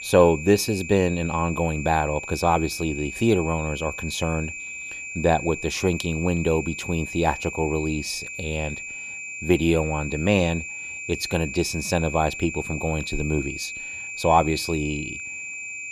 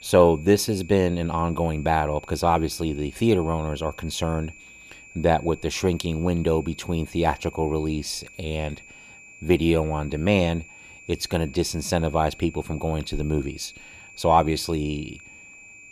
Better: second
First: high-pitched whine; loud; throughout; 2.5 kHz, 8 dB below the speech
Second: high-pitched whine; faint; throughout; 2.5 kHz, 20 dB below the speech

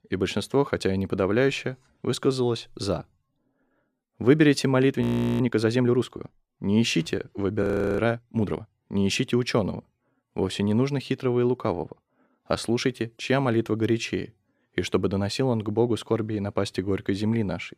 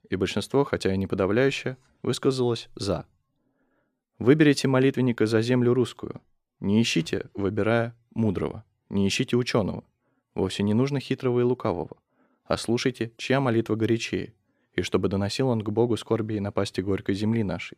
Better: second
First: audio freezing; at 5 s and at 7.5 s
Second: none

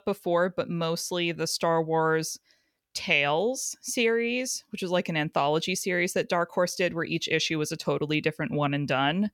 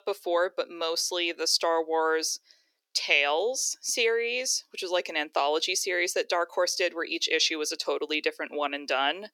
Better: first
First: none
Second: thin; very; fading below 350 Hz

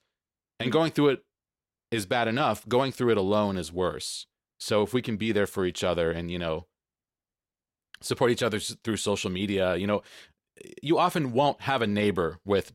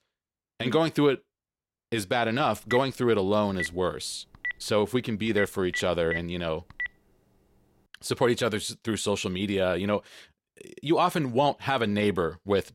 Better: first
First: none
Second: phone ringing; noticeable; from 2.5 to 7 s; peak 6 dB below the speech

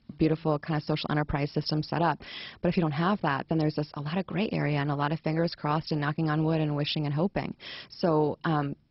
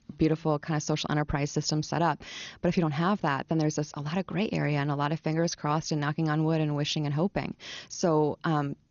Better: second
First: garbled, watery; badly; nothing above 5.5 kHz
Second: garbled, watery; slightly; nothing above 6.5 kHz

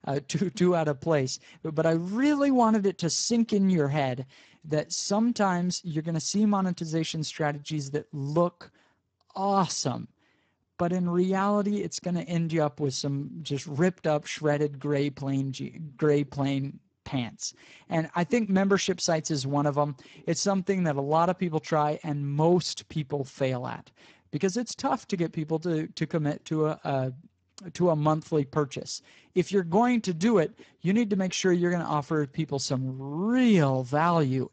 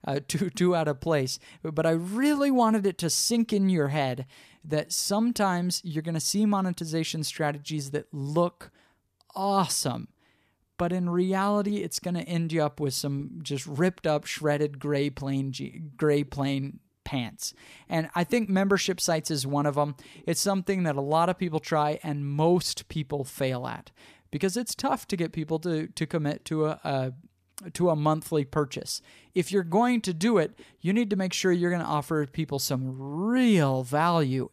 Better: second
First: garbled, watery; badly; nothing above 7.5 kHz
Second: none

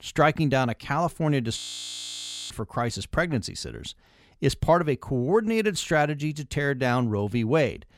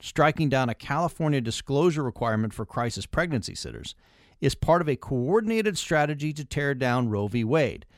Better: second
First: audio freezing; at 1.5 s for 1 s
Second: none

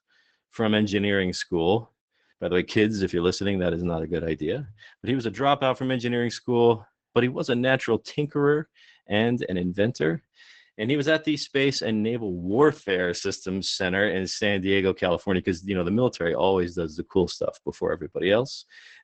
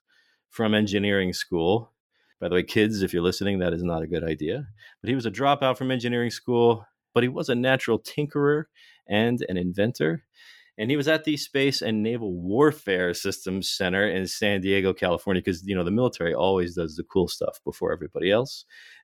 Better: second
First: garbled, watery; badly; nothing above 8 kHz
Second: none

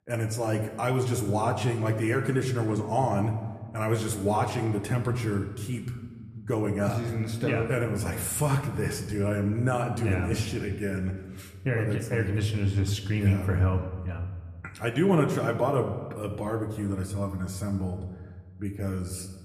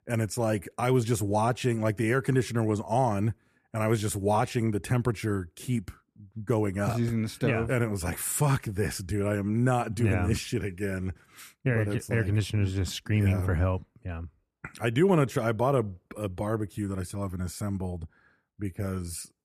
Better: second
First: room echo; slight; dies away in 1.1 s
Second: none

